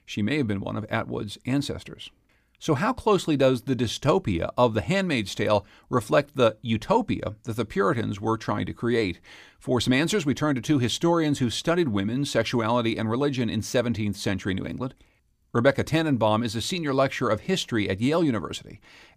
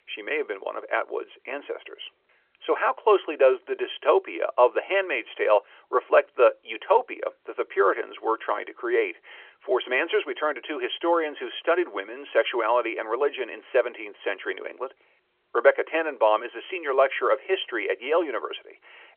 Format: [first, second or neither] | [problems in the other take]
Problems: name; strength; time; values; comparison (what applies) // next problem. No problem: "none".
first | phone-call audio; nothing above 3.5 kHz